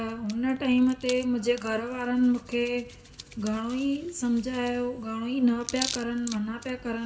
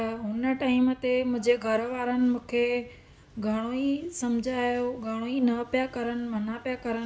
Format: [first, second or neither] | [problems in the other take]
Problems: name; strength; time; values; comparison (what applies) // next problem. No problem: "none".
second | background sound (Hands); 15 dB below the speech // room echo; dies away in 1.5 s